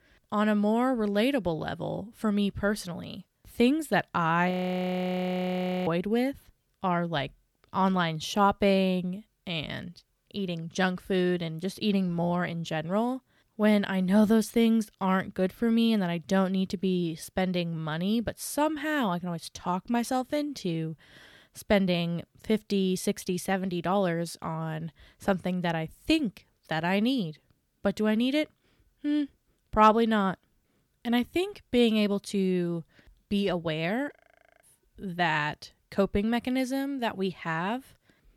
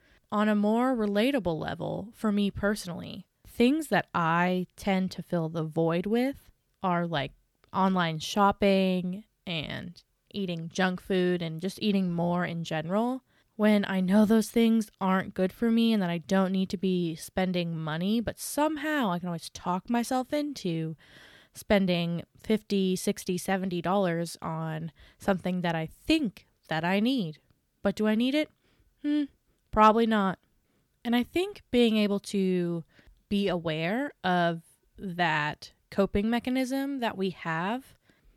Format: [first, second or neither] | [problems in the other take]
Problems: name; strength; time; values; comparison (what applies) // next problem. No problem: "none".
second | audio freezing; at 4.5 s for 1.5 s and at 34 s